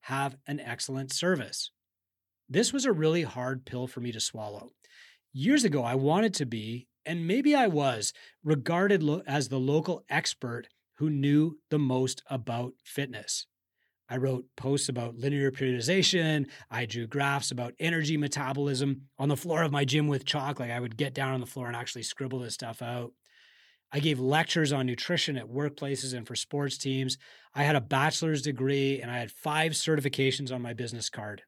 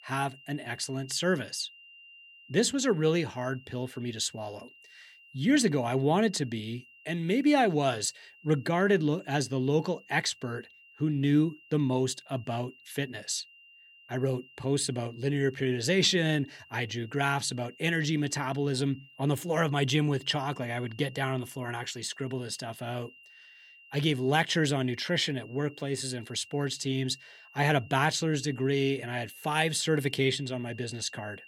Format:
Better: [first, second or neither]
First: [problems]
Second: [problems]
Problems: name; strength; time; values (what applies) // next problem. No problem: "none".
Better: first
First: none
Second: high-pitched whine; faint; throughout; 3 kHz, 25 dB below the speech